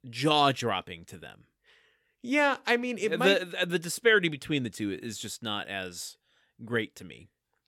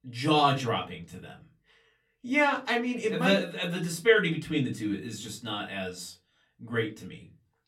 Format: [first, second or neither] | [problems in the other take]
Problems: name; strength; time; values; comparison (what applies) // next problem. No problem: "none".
first | off-mic speech; far // room echo; very slight; dies away in 0.3 s